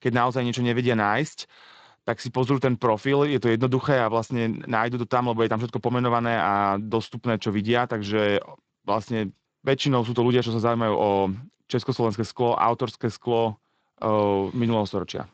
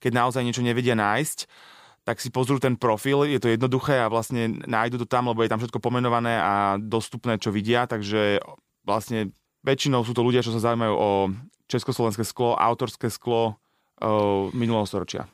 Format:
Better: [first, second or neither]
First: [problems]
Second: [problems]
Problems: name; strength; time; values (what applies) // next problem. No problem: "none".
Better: second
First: garbled, watery; slightly; nothing above 7.5 kHz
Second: none